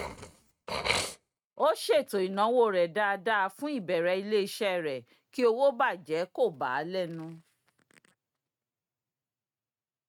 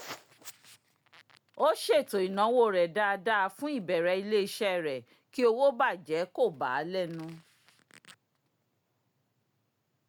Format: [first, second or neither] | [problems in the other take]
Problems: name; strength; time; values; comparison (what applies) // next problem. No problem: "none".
second | noise reduction (neural mask model RNNoise)